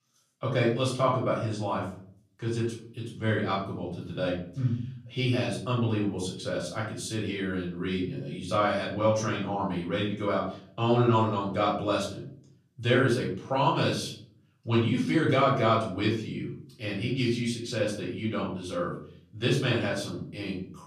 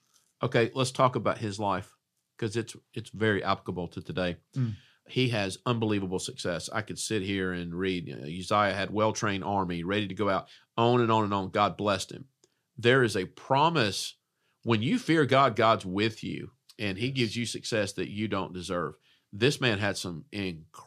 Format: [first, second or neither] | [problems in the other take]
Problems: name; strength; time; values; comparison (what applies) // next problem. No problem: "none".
second | off-mic speech; far // room echo; noticeable; dies away in 0.5 s